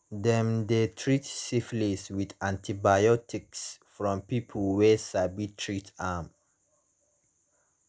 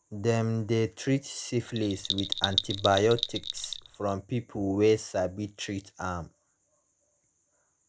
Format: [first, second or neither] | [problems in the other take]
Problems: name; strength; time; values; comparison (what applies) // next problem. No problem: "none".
first | background sound (Bell); 4 dB below the speech